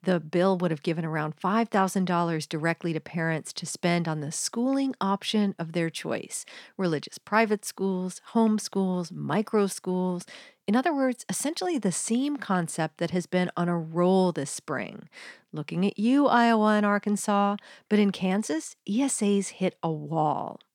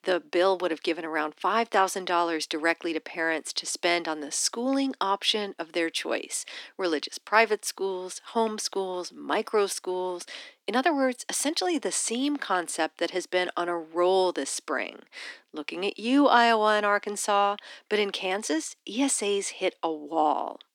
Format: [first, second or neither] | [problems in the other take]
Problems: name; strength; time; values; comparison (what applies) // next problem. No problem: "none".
first | thin; somewhat; fading below 300 Hz